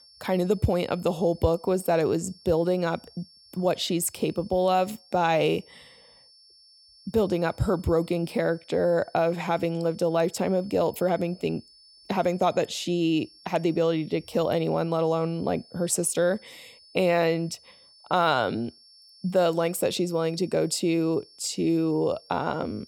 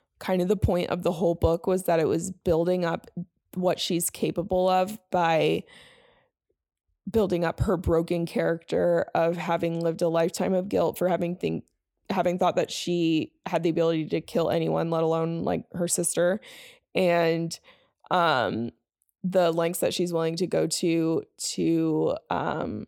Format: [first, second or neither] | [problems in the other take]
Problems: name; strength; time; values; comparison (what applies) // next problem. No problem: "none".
second | high-pitched whine; faint; throughout; 5.5 kHz, 25 dB below the speech